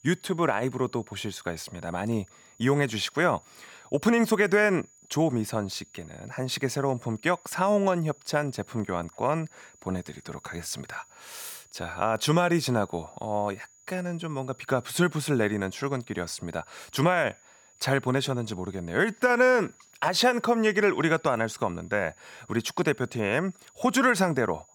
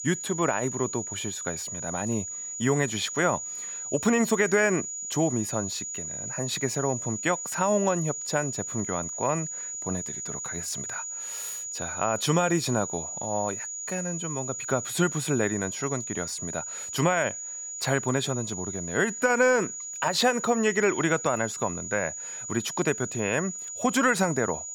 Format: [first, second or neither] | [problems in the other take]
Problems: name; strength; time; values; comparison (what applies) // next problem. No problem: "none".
first | high-pitched whine; loud; throughout; 7 kHz, 5 dB below the speech; faint in the first